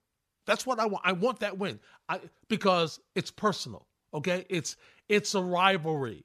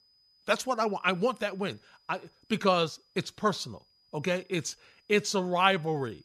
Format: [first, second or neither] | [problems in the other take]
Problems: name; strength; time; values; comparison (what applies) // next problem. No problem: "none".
first | high-pitched whine; faint; throughout; 5 kHz, 35 dB below the speech